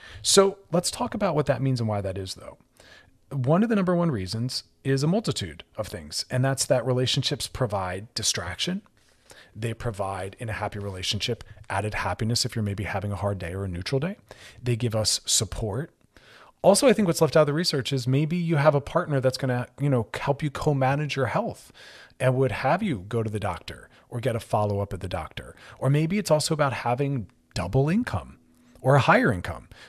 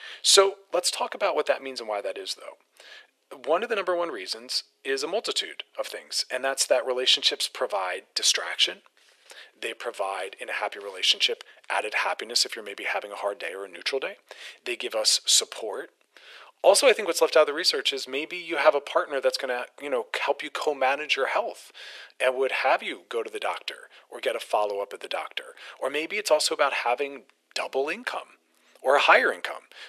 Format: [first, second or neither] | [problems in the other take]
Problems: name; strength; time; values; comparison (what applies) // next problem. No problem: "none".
first | thin; very; fading below 350 Hz